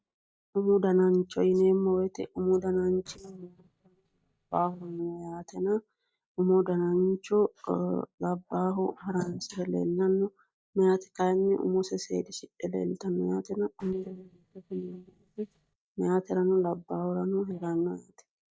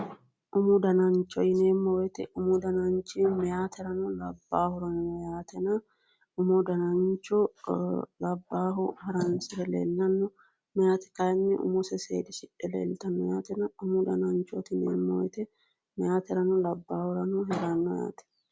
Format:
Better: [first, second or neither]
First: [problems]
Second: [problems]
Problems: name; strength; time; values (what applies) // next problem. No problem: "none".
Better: second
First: noise reduction (neural mask model DeepFilterNet 3)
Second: none